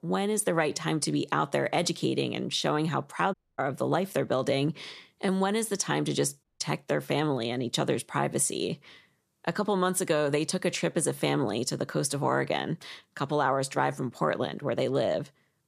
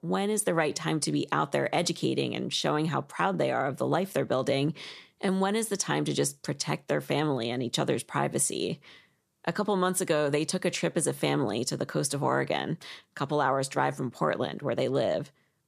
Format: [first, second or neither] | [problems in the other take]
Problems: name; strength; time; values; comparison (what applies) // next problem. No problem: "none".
second | audio cutting out; at 3.5 s and at 6.5 s